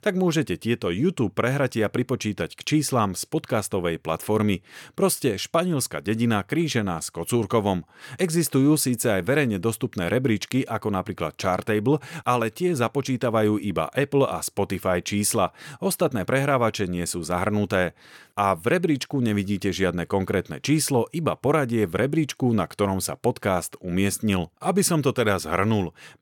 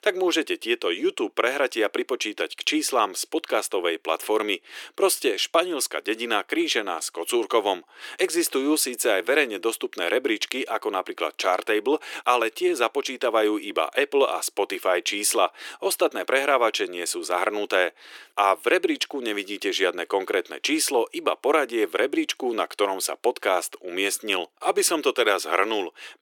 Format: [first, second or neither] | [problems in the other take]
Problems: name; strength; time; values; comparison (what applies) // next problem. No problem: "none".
first | thin; very; fading below 350 Hz